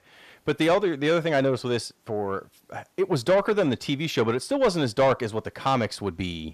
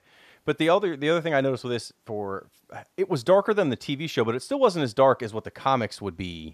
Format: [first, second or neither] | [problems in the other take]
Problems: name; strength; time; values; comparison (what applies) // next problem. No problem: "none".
second | distortion; slight; 10 dB below the speech